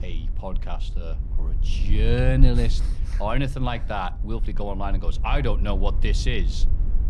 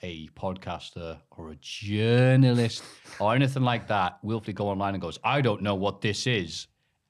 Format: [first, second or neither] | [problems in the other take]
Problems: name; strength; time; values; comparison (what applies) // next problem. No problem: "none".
second | low rumble; noticeable; throughout; 15 dB below the speech